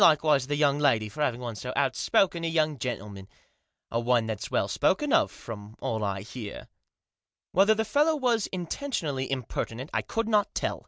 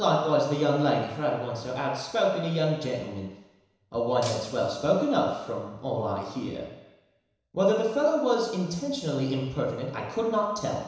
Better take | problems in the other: first | background sound (Shatter); 16 dB below the speech // room echo; dies away in 1 s

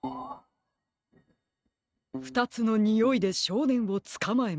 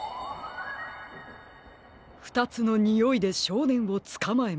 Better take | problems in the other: second | noise reduction (neural mask model RNNoise)

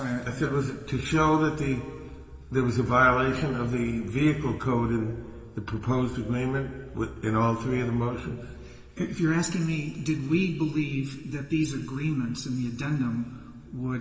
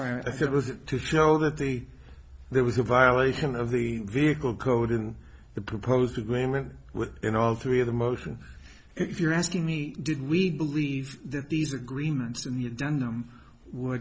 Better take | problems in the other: second | room echo; dies away in 2 s

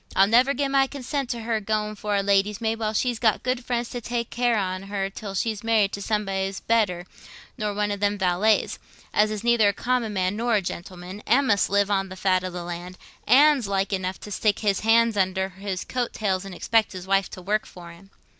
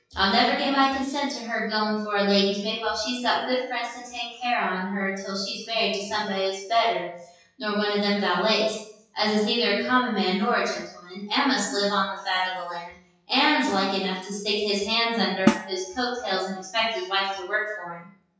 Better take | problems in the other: first | noise reduction (classical method WPE with log-MMSE)

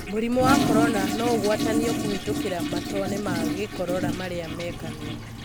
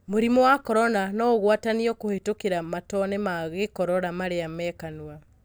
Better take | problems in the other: second | background sound (Toilet flush); 1 dB above the speech

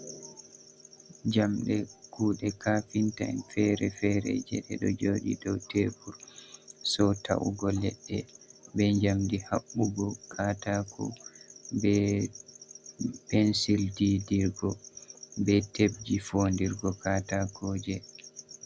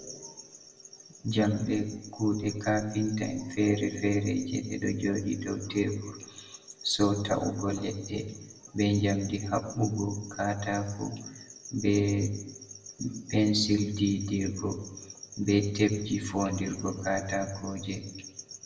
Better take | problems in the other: first | room echo; dies away in 0.8 s

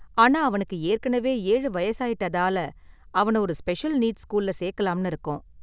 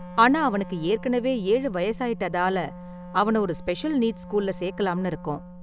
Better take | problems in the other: first | background sound (Wind instrument, woodwind instrument); 16 dB below the speech

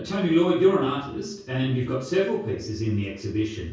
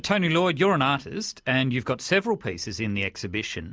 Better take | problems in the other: second | room echo; dies away in 0.6 s

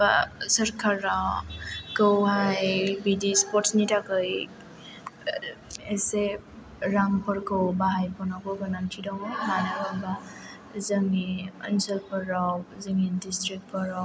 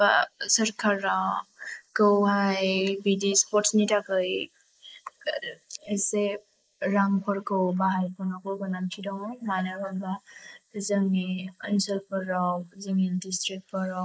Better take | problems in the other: first | noise reduction (neural mask model Resemble Enhance denoiser)

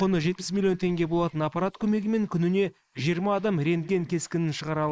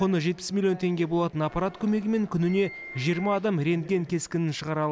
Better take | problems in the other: second | noise reduction (neural mask model Resemble Enhance denoiser)

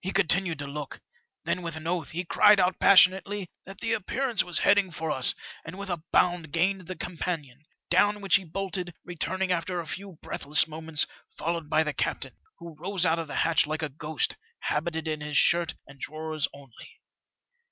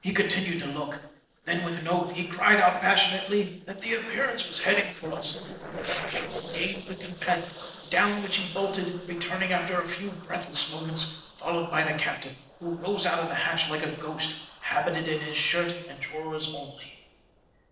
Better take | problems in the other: first | noise reduction (neural separator model SepFormer DNS4)

